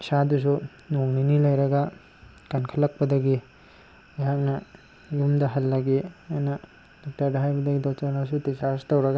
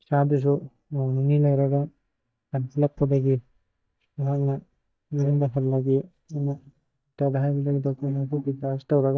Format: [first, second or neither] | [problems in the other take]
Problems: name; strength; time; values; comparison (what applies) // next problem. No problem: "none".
first | noise reduction (neural mask model DeepFilterNet 3)